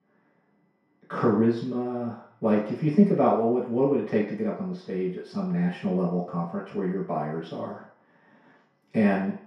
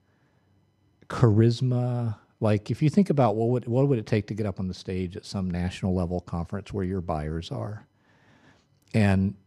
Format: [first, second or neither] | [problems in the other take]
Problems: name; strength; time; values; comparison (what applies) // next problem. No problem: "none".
second | room echo; noticeable; dies away in 0.6 s // off-mic speech; far